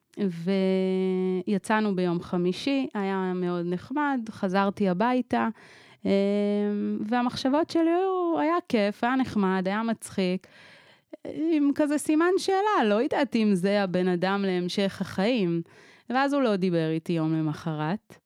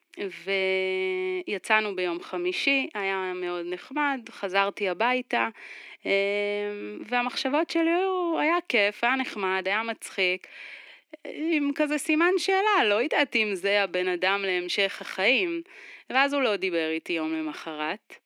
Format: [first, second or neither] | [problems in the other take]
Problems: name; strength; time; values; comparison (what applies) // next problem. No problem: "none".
first | thin; somewhat; fading below 300 Hz